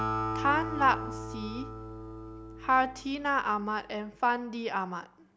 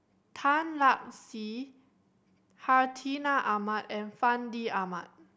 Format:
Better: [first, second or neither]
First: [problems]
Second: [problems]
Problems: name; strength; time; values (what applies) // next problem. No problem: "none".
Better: second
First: background sound (Acoustic guitar); 7 dB below the speech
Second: none